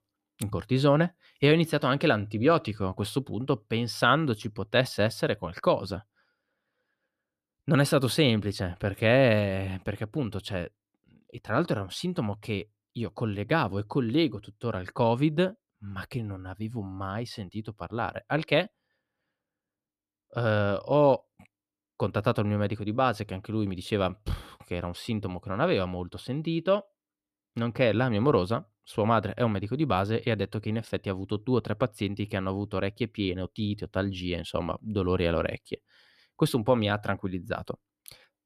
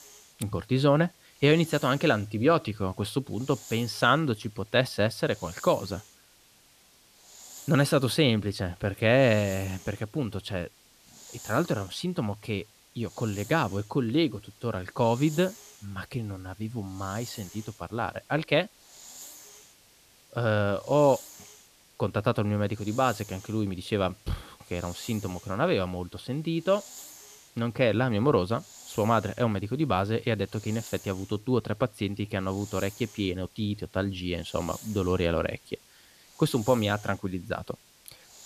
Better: first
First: none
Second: hiss; faint; throughout; 20 dB below the speech

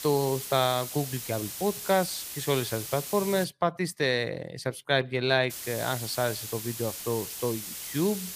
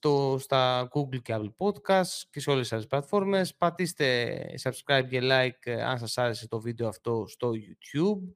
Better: second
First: hiss; loud; until 3.5 s and from 5.5 s on; 7 dB below the speech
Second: none

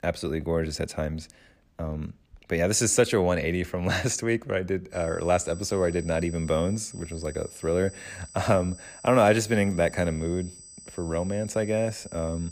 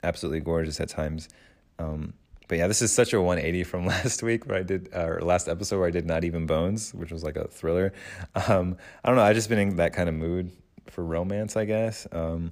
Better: second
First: high-pitched whine; noticeable; from 5 s on; 8 kHz, 20 dB below the speech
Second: none

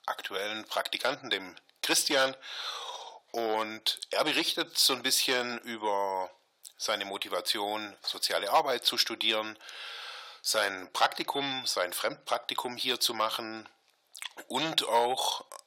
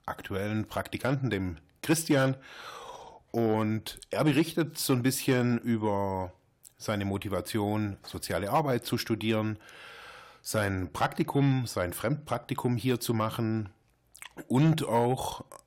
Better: second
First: thin; very; fading below 650 Hz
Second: none

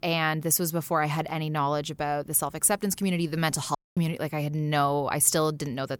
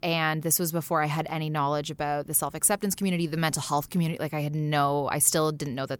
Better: second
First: audio cutting out; at 4 s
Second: none

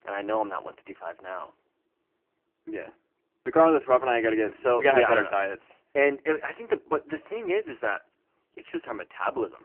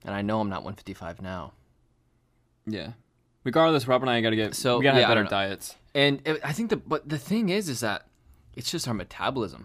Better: second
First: phone-call audio; poor line; nothing above 3 kHz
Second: none

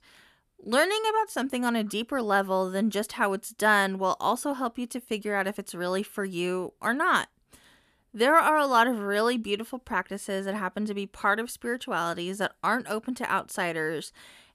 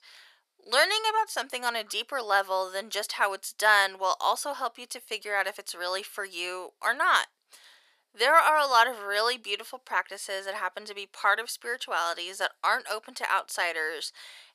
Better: first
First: none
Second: thin; very; fading below 550 Hz

